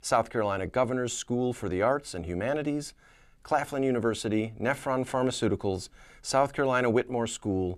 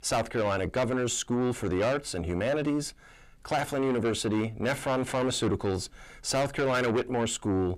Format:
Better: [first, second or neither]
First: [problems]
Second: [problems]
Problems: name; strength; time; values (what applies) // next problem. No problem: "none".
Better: first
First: none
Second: distortion; heavy; 7 dB below the speech